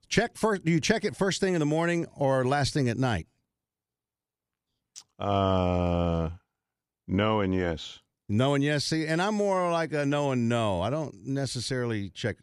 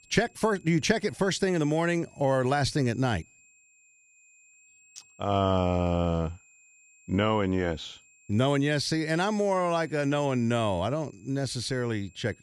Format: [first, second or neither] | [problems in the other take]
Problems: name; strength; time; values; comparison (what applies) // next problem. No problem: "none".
first | high-pitched whine; faint; throughout; 2.5 kHz, 30 dB below the speech